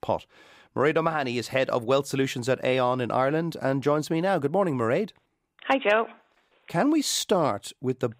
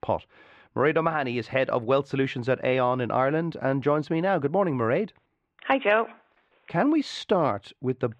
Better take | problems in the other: first | muffled; slightly; fading above 2.5 kHz

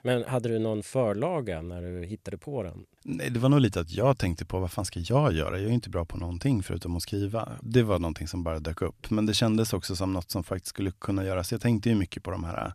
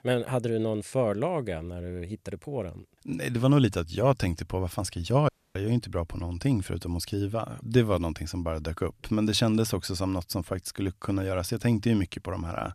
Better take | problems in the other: first | audio cutting out; at 5.5 s

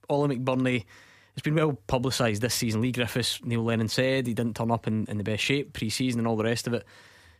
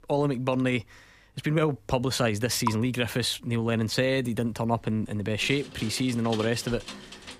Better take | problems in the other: first | rain or running water; noticeable; throughout; 10 dB below the speech

